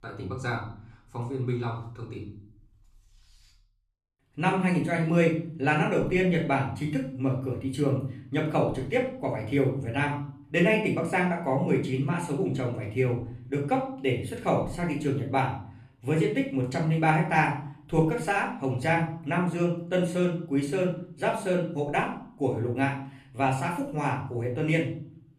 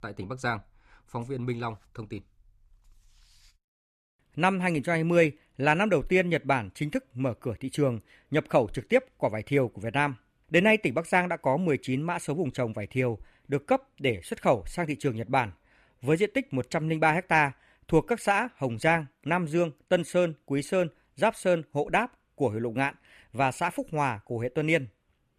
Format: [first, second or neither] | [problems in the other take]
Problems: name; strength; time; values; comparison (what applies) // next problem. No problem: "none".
second | off-mic speech; far // room echo; slight; dies away in 0.5 s